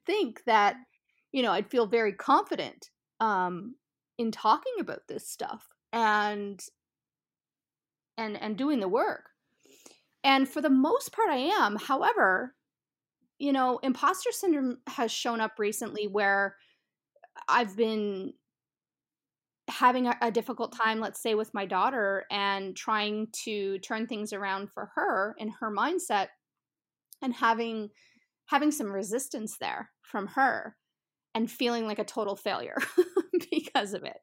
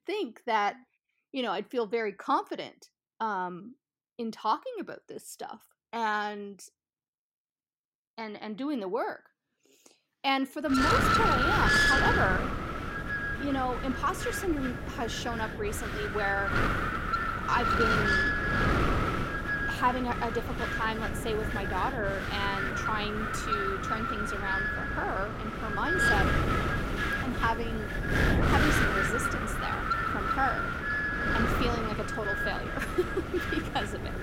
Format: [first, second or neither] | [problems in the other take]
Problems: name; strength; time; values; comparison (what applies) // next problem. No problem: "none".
first | wind noise on the microphone; heavy; from 11 s on; 4 dB above the speech